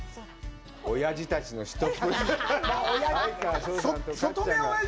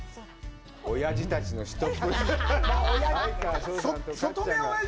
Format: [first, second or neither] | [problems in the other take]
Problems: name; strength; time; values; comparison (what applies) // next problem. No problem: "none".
first | background sound (Zipper (clothing)); as loud as the speech